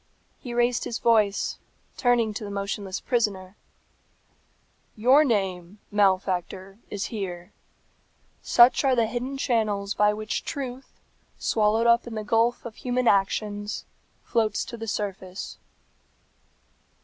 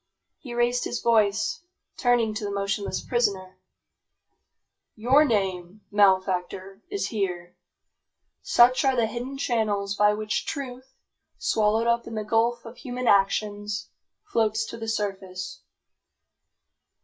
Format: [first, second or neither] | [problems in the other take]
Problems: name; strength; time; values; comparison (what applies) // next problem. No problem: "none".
first | noise reduction (classical method WPE with log-MMSE)